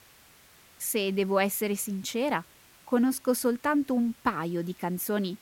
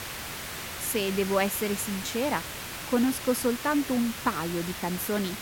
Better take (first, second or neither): first